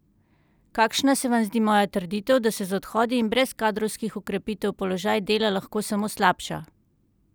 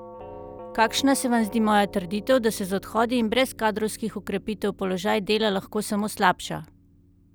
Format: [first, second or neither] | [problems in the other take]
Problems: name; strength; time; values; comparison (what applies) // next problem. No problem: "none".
first | background sound (Doorbell); 19 dB below the speech